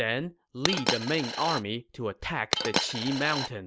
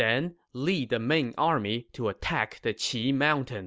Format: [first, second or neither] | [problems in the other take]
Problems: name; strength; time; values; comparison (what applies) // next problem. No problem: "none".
second | background sound (Coin (dropping)); as loud as the speech